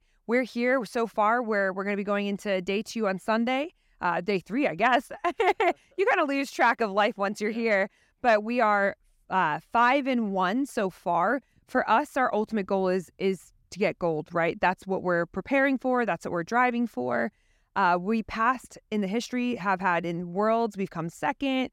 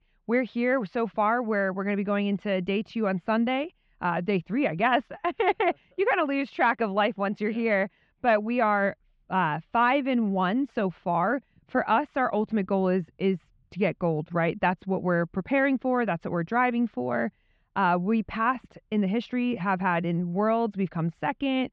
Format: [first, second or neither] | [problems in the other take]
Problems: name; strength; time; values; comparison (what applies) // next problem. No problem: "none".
first | muffled; slightly; fading above 3.5 kHz